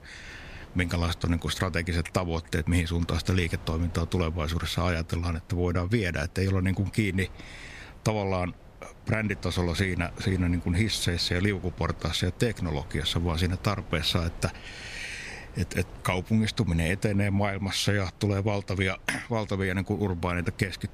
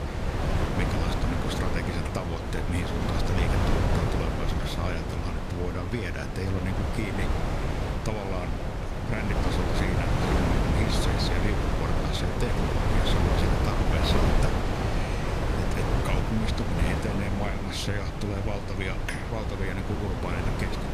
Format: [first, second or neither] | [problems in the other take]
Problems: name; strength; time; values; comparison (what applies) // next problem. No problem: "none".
first | wind noise on the microphone; heavy; 3 dB above the speech; occasional gusts in the first